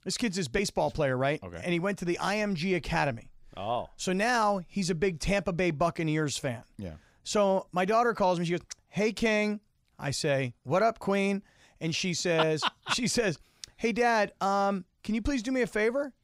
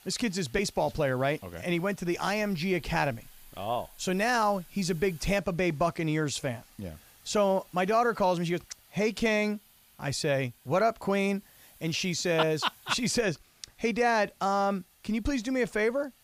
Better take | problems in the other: first | hiss; faint; throughout; 25 dB below the speech

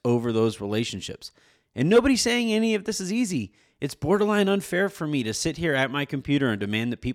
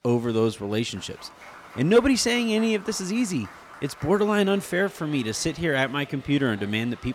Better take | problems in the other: first | crowd noise; faint; throughout; 20 dB below the speech

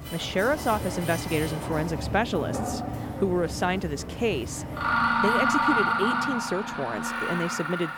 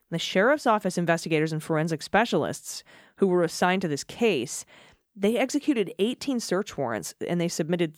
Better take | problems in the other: second | machinery noise; very loud; throughout; as loud as the speech

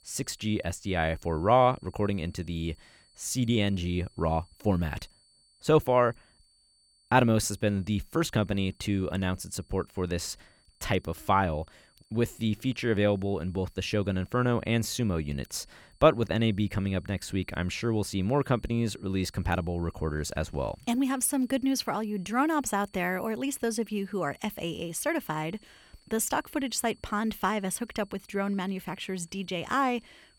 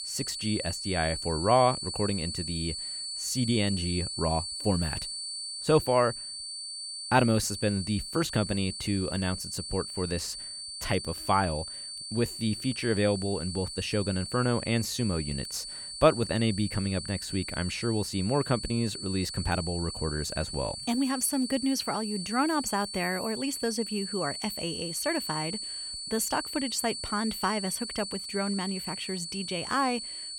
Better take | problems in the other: first | high-pitched whine; loud; throughout; 4.5 kHz, 5 dB below the speech; faint in the first

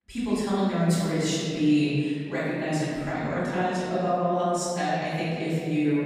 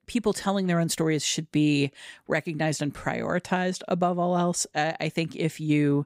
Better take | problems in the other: second | off-mic speech; far // room echo; strong; dies away in 2.3 s

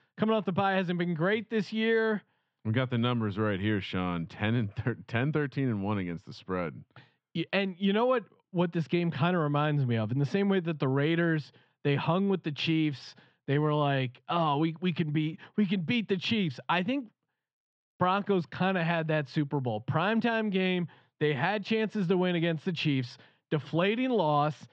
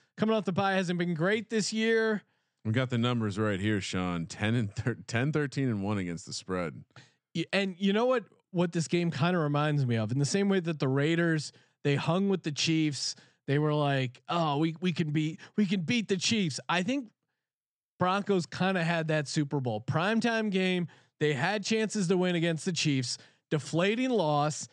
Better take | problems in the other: second | muffled; very slightly; fading above 3.5 kHz

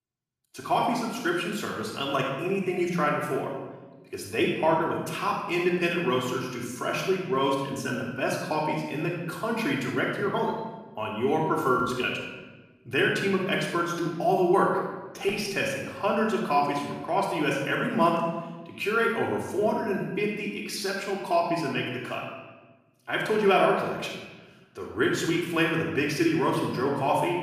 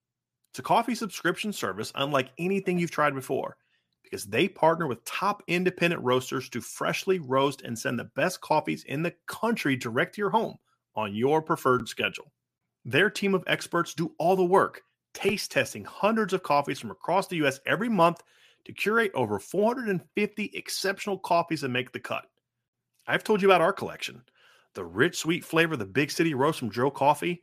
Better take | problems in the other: second | room echo; noticeable; dies away in 1 s // off-mic speech; far

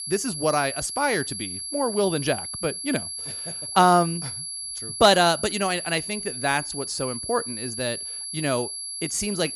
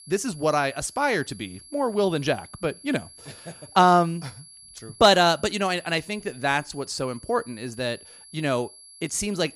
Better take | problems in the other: second | high-pitched whine; loud; throughout; 4.5 kHz, 7 dB below the speech; faint in the second

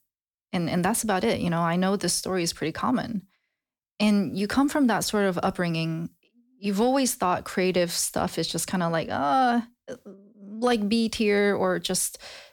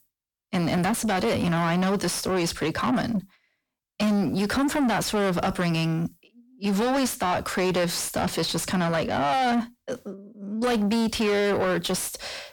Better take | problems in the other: first | distortion; heavy; 7 dB below the speech

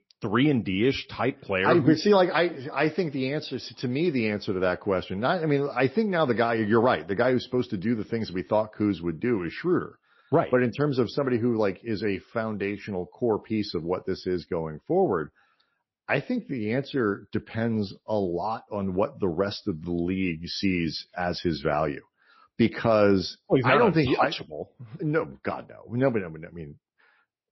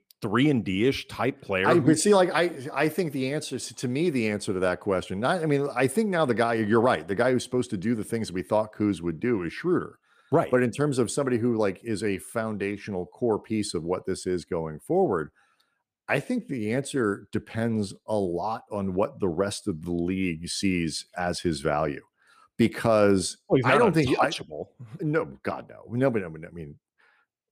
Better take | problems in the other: second | garbled, watery; slightly; nothing above 5.5 kHz

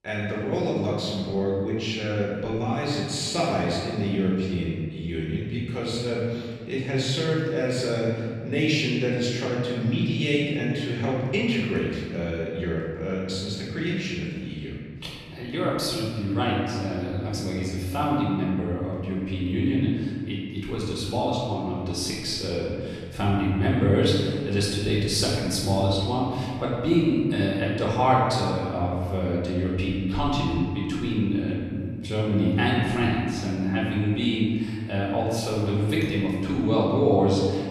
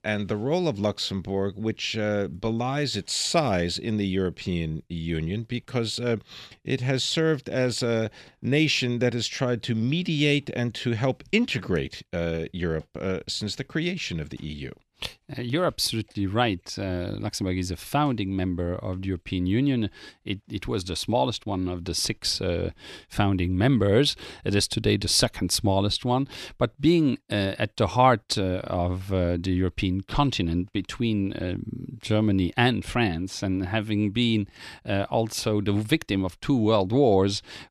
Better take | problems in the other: second | off-mic speech; far // room echo; noticeable; dies away in 1.8 s

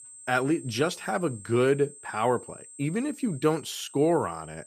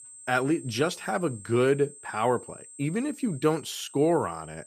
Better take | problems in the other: neither | high-pitched whine; noticeable; throughout; 8 kHz, 20 dB below the speech; the same in both

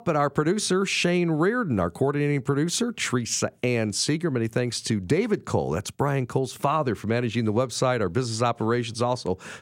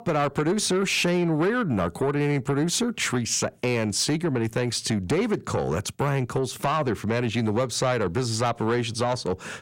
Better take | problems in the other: first | distortion; slight; 10 dB below the speech

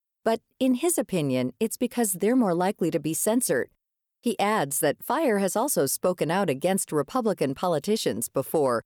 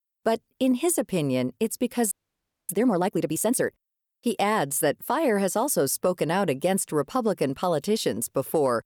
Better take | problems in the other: first | audio freezing; at 2 s for 0.5 s

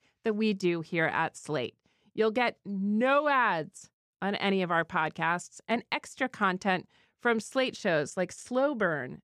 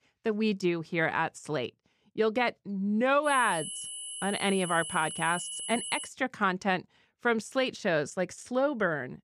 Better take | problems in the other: first | high-pitched whine; loud; from 3.5 to 6 s; 10.5 kHz, 7 dB below the speech

